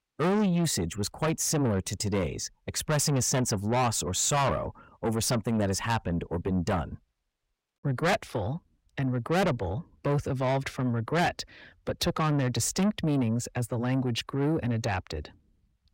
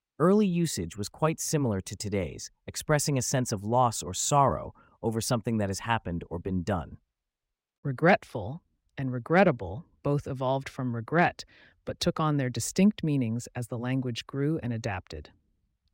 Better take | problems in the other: second | distortion; heavy; 6 dB below the speech

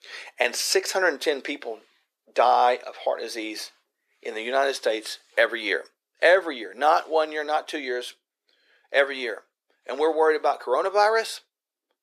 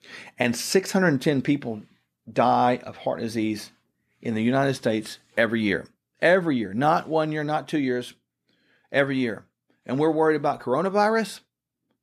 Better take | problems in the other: second | thin; very; fading below 400 Hz

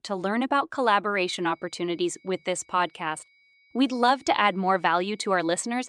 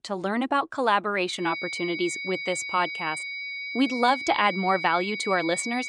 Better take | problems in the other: first | high-pitched whine; loud; from 1.5 s on; 2 kHz, 6 dB below the speech; faint in the first

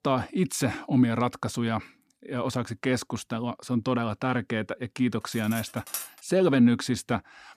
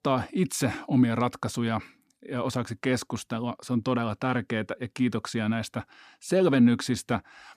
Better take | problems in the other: second | clattering dishes; noticeable; at 5.5 s; peak 7 dB below the speech

